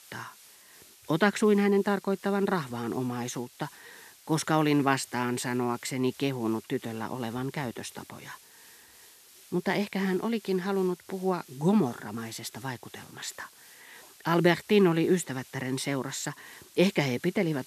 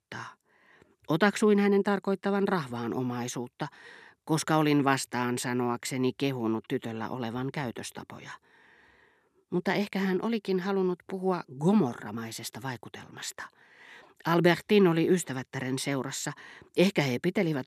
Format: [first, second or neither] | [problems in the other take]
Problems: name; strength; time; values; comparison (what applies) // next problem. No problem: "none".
second | hiss; faint; throughout; 25 dB below the speech